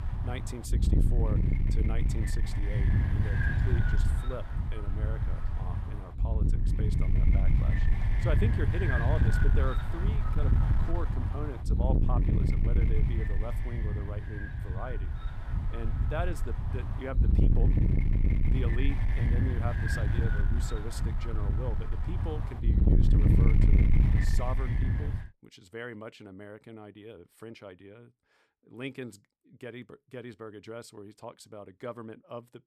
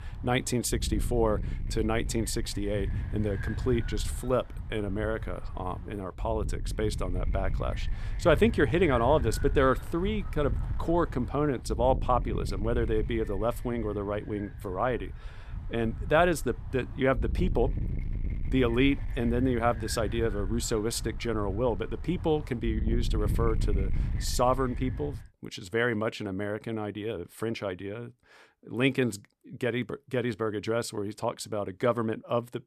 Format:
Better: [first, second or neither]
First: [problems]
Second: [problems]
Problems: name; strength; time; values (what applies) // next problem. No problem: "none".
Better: second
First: wind noise on the microphone; heavy; until 25 s; 2 dB above the speech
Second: wind noise on the microphone; occasional gusts; until 25 s; 20 dB below the speech